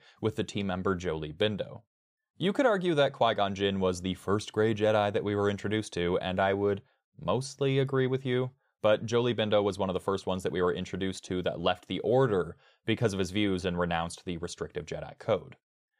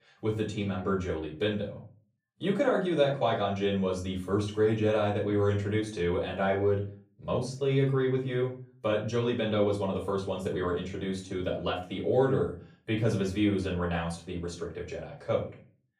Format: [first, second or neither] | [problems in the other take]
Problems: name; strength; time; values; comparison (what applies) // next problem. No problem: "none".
first | room echo; slight; dies away in 0.3 s // off-mic speech; far